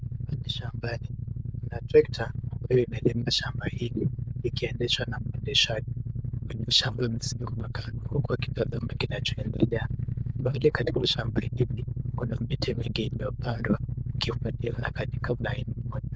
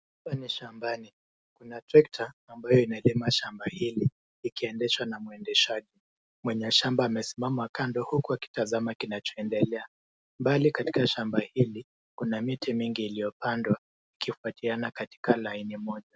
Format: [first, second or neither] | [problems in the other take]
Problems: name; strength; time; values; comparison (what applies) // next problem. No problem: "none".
second | noise reduction (neural diffusion model UNIVERSE++)